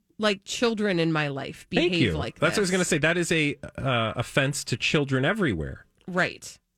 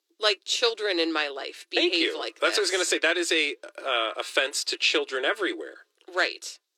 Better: first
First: none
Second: thin; very; fading below 350 Hz

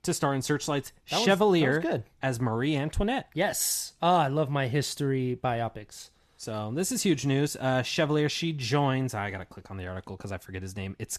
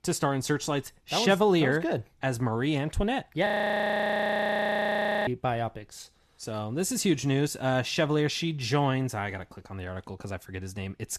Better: first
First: none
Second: audio freezing; at 3.5 s for 2 s

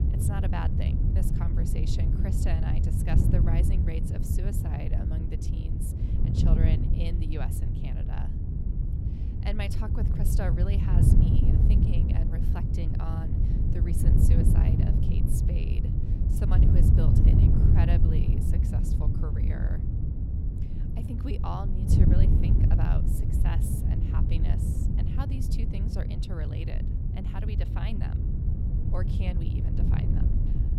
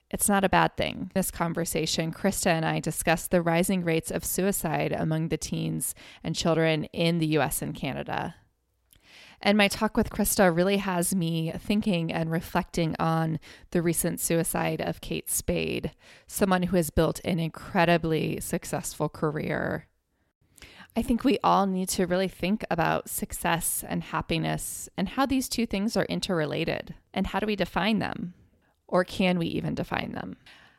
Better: second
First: wind noise on the microphone; heavy; 2 dB above the speech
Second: none

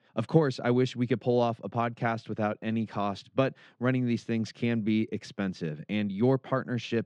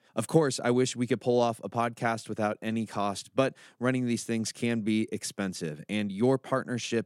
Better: second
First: muffled; slightly; fading above 4 kHz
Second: none

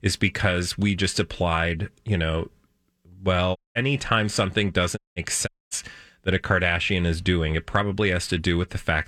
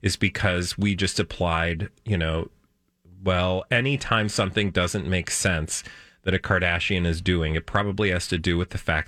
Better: second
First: audio cutting out; at 3.5 s, at 5 s and at 5.5 s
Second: none

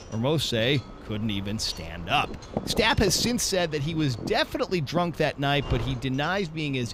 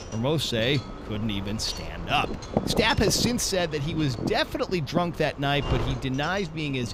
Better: first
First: wind noise on the microphone; occasional gusts; 15 dB below the speech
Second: wind noise on the microphone; heavy; 10 dB below the speech

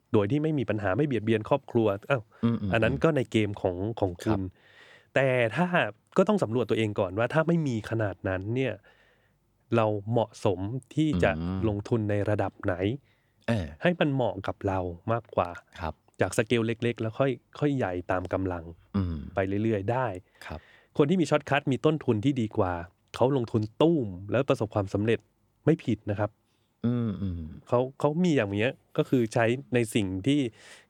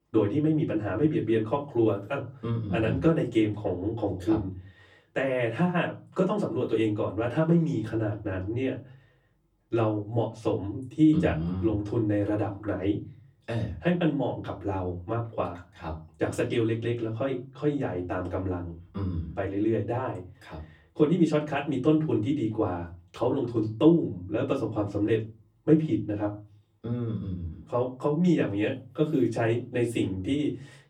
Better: first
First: none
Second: off-mic speech; far // room echo; very slight; dies away in 0.4 s

